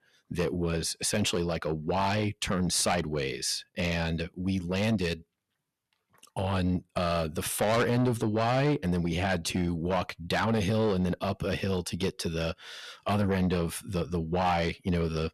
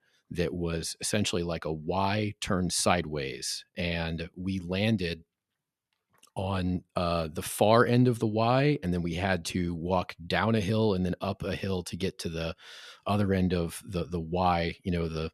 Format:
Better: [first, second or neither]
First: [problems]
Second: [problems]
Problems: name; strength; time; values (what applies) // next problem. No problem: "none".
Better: second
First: distortion; heavy; 7 dB below the speech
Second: none